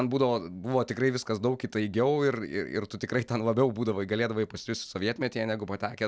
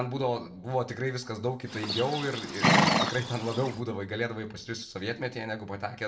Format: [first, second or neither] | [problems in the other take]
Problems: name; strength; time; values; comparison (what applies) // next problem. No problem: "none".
first | background sound (Livestock, farm animals, working animals); 4 dB above the speech // room echo; dies away in 0.4 s